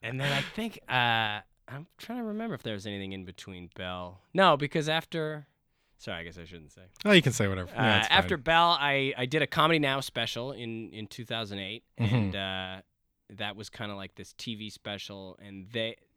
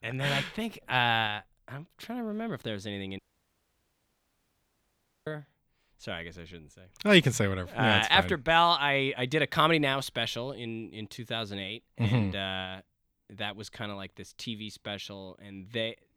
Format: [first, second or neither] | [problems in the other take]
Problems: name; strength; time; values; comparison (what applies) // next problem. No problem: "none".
first | audio cutting out; at 3 s for 2 s